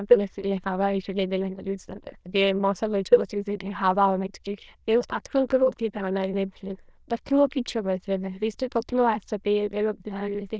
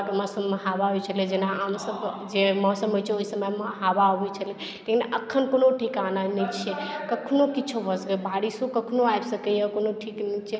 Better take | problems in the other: second | noise reduction (neural diffusion model UNIVERSE++)

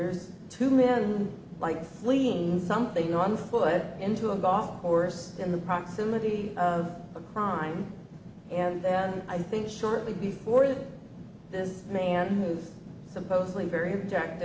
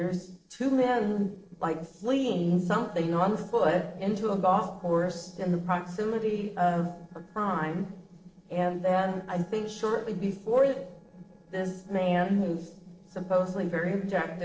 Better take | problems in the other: first | noise reduction (neural separator model SepFormer DNS4)

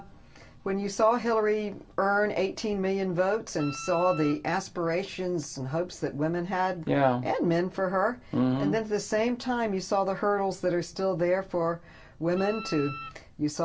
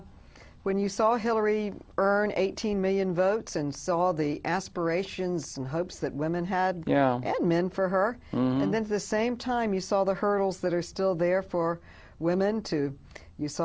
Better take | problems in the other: second | background sound (Wind instrument, woodwind instrument); 13 dB below the speech // room echo; dies away in 0.2 s

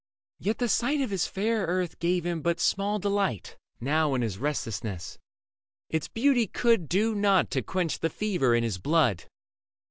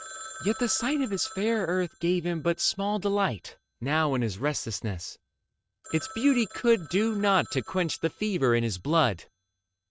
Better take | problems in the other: first | noise reduction (neural mask model RNNoise)

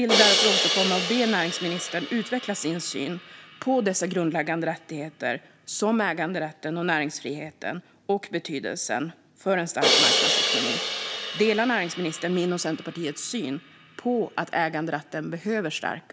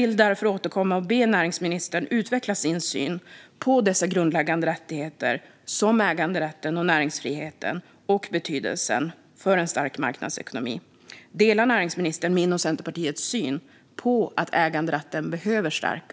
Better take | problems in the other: second | background sound (Crash cymbal); 2 dB below the speech

